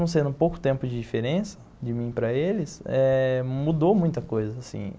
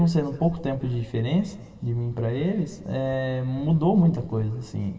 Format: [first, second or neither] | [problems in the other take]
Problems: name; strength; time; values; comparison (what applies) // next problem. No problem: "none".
first | room echo; dies away in 1.4 s